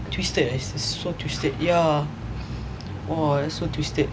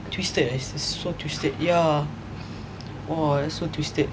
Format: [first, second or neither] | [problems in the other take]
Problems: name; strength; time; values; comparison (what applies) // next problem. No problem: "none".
second | background sound (Bass guitar); 10 dB below the speech